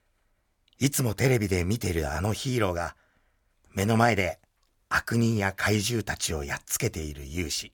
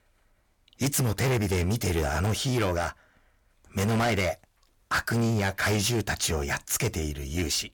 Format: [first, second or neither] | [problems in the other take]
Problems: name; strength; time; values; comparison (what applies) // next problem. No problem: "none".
first | distortion; heavy; 7 dB below the speech